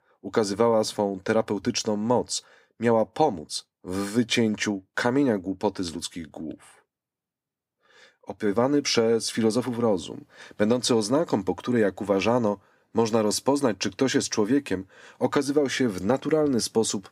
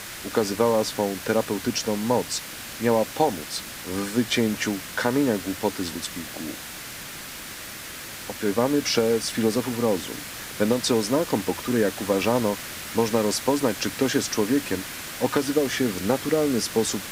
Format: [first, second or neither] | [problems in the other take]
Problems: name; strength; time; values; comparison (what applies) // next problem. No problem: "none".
first | hiss; loud; throughout; 9 dB below the speech